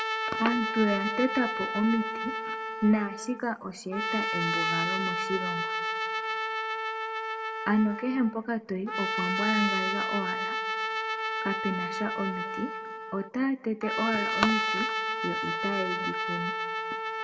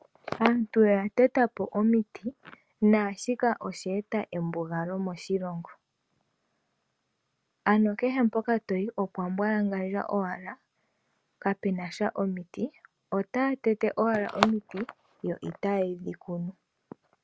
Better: second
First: background sound (Trumpet); as loud as the speech // room echo; dies away in 0.6 s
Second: none

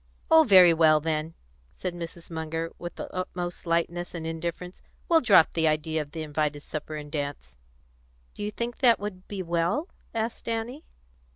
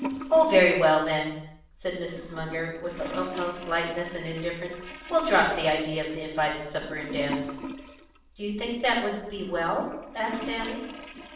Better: first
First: none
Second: background sound (Toilet flush / Gurgling); 13 dB below the speech // room echo; dies away in 0.7 s

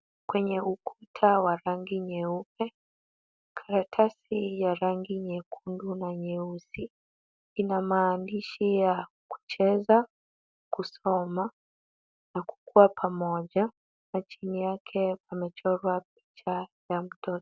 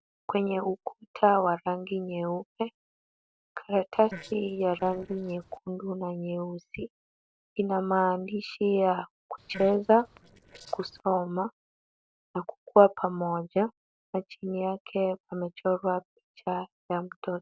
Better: first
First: none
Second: noise reduction (neural separator model SepFormer DNS4)

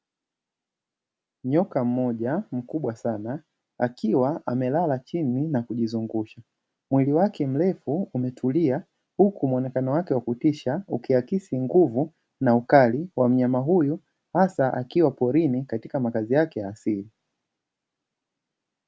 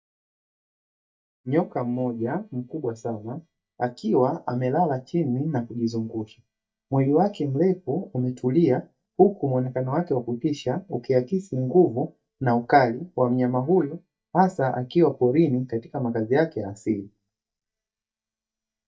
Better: first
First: none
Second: noise reduction (neural mask model DeepFilterNet 3)

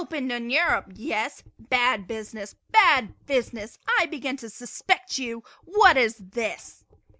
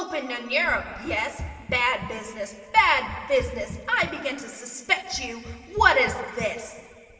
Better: first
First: none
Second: background sound (Run); 14 dB below the speech // room echo; dies away in 2.2 s

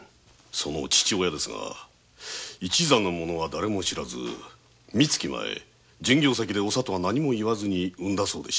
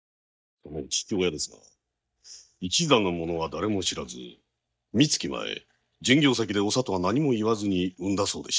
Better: first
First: none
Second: noise reduction (neural mask model DeepFilterNet 3)

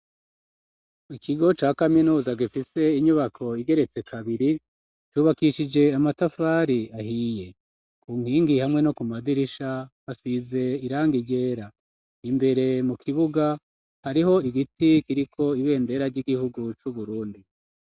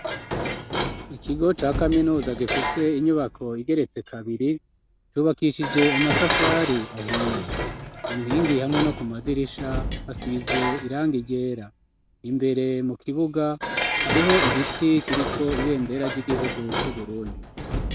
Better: first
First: none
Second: background sound (Dishes, pots, and pans); 4 dB below the speech

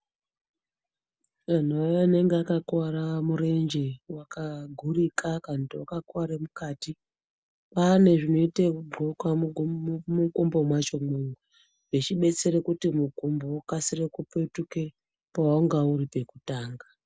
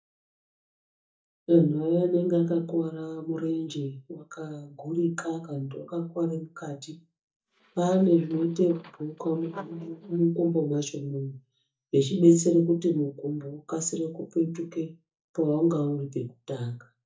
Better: first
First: none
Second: noise reduction (neural mask model DeepFilterNet 3)

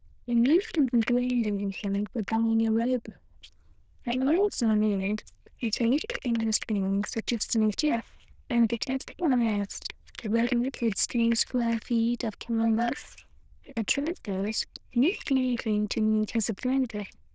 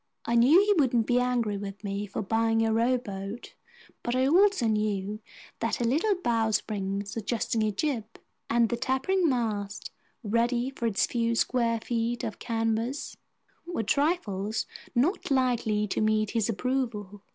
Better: second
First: noise reduction (neural diffusion model UNIVERSE++)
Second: none

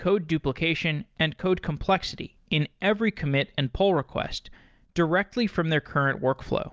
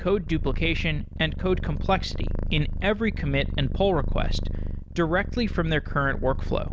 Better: first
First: none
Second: background sound (Purr); 2 dB below the speech

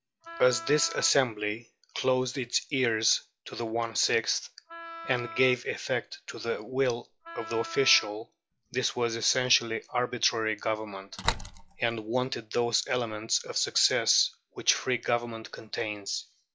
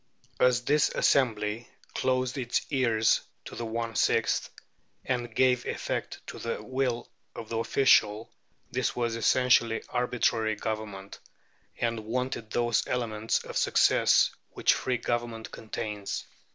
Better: second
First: noise reduction (classical method log-MMSE)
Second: none

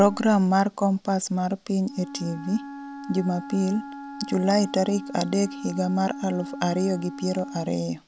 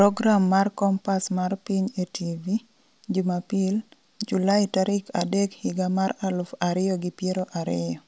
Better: second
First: background sound (Wind instrument, woodwind instrument); 13 dB below the speech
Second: none

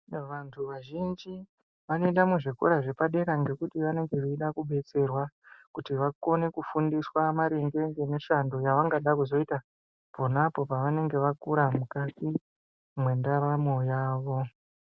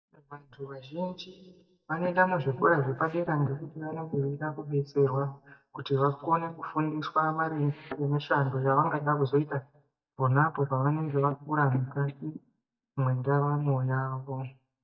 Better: first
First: none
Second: noise reduction (neural mask model DeepFilterNet 3)

